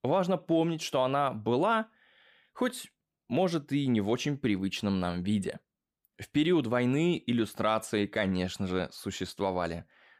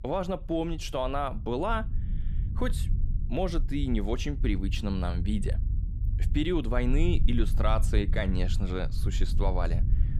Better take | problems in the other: first | low rumble; noticeable; throughout; 15 dB below the speech

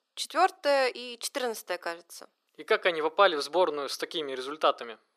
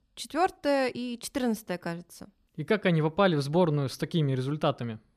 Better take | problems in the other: second | thin; very; fading below 400 Hz

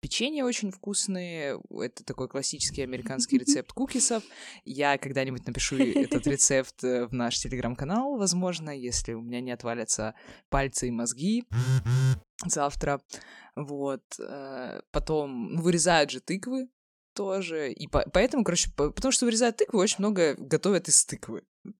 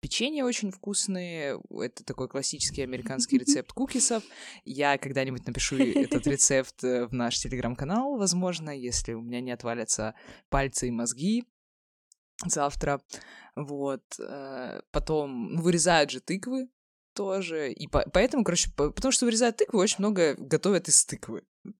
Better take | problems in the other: second | phone ringing; loud; at 12 s; peak 3 dB above the speech

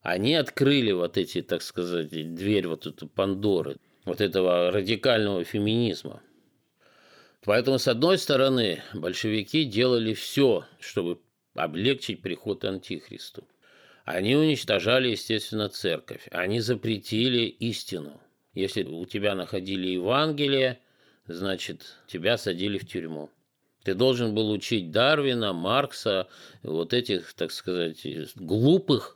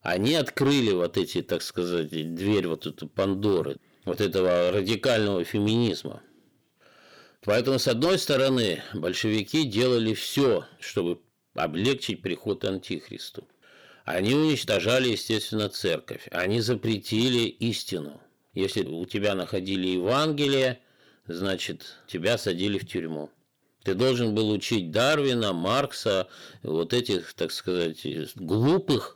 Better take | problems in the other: first | distortion; slight; 10 dB below the speech

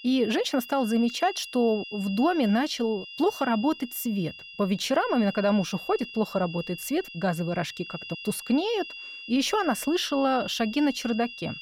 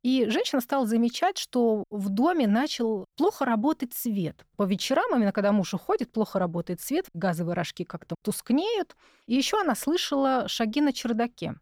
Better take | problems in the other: second | high-pitched whine; noticeable; throughout; 3 kHz, 10 dB below the speech

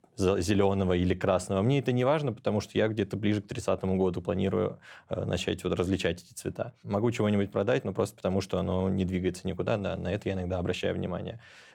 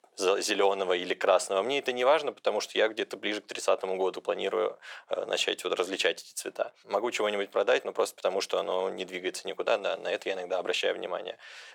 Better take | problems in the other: first | thin; very; fading below 450 Hz

